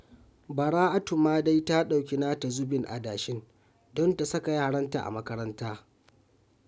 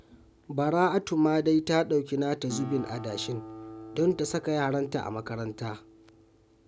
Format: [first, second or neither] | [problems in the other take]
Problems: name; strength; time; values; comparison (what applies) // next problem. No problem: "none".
first | background sound (Acoustic guitar); 17 dB below the speech